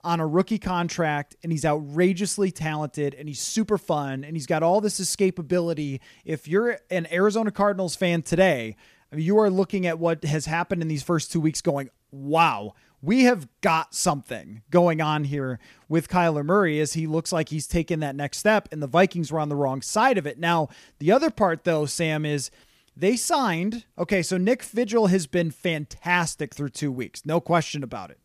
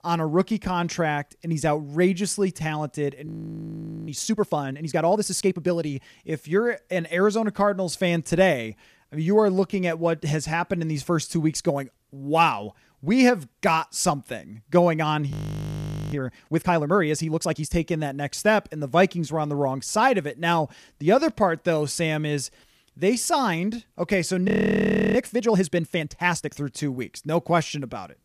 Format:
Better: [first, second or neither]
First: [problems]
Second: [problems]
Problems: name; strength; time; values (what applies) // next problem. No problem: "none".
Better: first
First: none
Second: audio freezing; at 3.5 s for 1 s, at 15 s for 1 s and at 24 s for 0.5 s